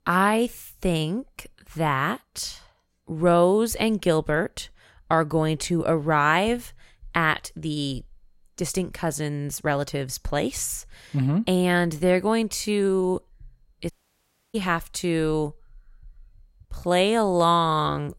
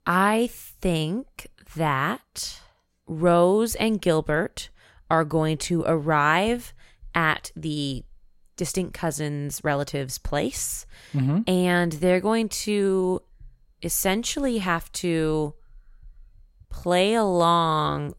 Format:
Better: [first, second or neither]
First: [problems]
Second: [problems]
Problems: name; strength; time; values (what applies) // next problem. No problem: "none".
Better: second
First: audio cutting out; at 14 s for 0.5 s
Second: none